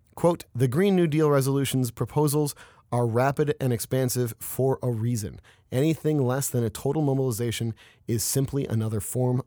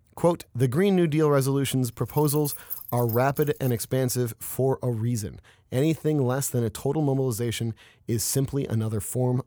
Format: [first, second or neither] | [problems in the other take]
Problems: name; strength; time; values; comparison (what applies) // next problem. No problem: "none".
first | jangling keys; noticeable; from 2 to 4 s; peak 8 dB below the speech